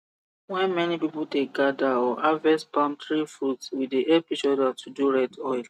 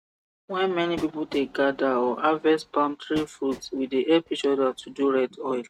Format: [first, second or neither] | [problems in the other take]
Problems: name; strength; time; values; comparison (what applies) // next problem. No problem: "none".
first | background sound (Train); 20 dB below the speech